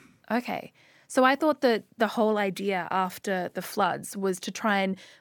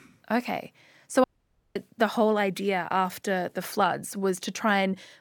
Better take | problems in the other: first | audio cutting out; at 1 s for 0.5 s

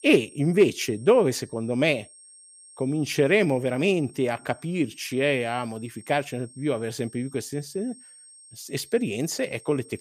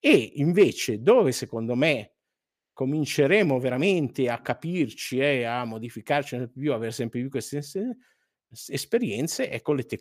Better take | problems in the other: second | high-pitched whine; faint; throughout; 8.5 kHz, 20 dB below the speech

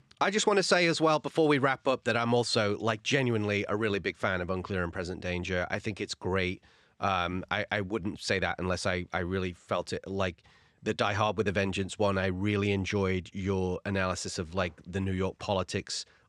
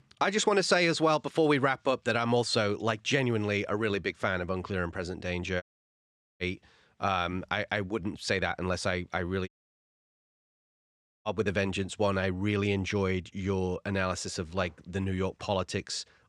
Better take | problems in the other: first | audio cutting out; at 5.5 s for 1 s and at 9.5 s for 2 s

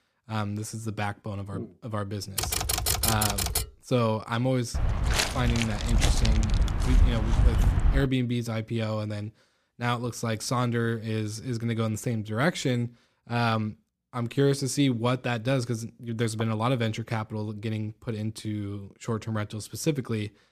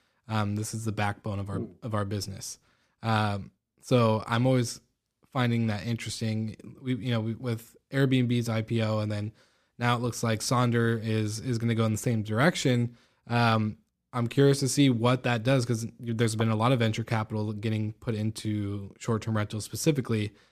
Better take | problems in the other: second | keyboard typing; loud; from 2.5 to 3.5 s; peak 5 dB above the speech // footsteps; loud; from 4.5 to 8 s; peak 6 dB above the speech

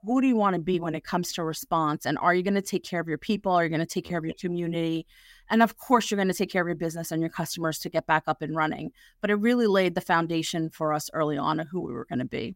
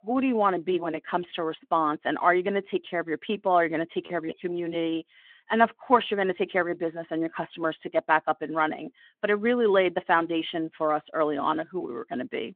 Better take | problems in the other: first | phone-call audio

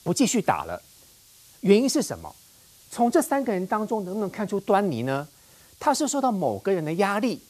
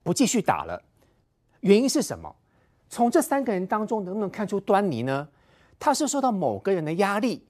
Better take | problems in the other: second | hiss; faint; throughout; 25 dB below the speech

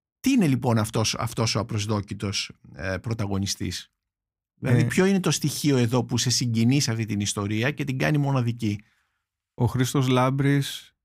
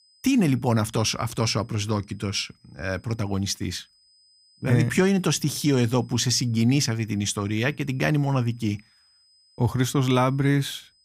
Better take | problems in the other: first | high-pitched whine; faint; throughout; 5 kHz, 35 dB below the speech

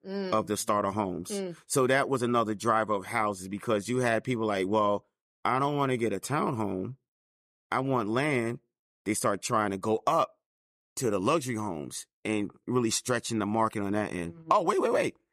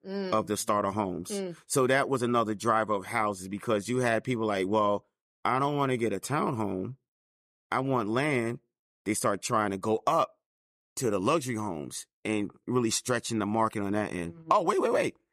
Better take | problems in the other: neither | none

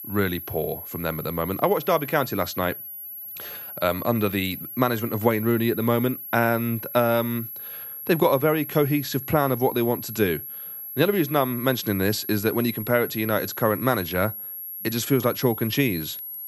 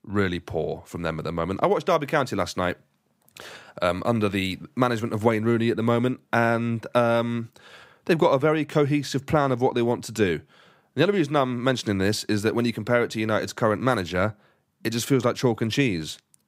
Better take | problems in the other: second | high-pitched whine; loud; throughout; 11.5 kHz, 9 dB below the speech

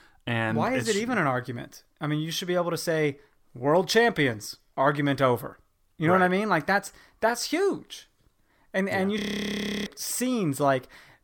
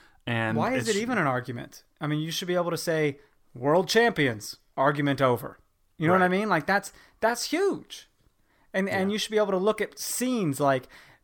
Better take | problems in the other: second | audio freezing; at 9 s for 0.5 s

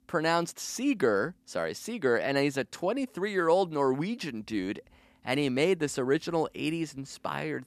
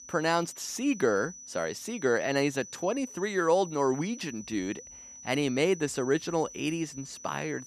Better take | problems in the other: first | high-pitched whine; noticeable; throughout; 6 kHz, 15 dB below the speech

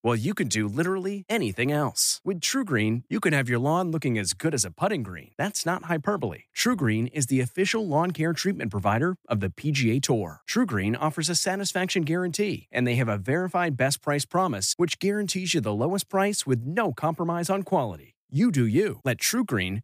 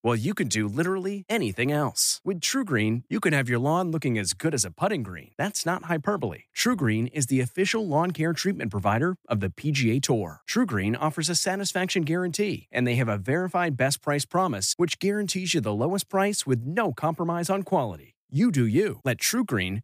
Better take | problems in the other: neither | none

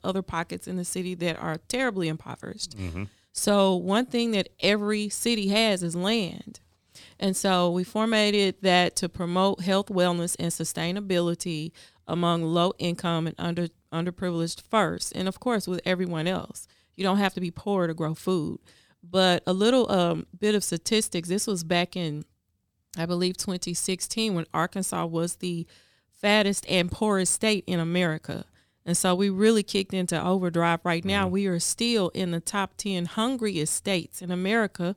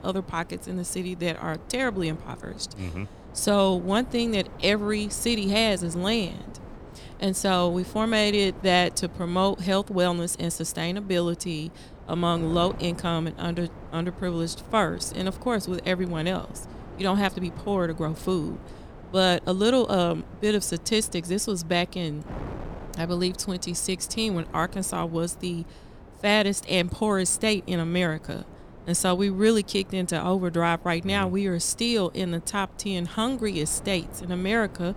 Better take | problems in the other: first | wind noise on the microphone; occasional gusts; 20 dB below the speech

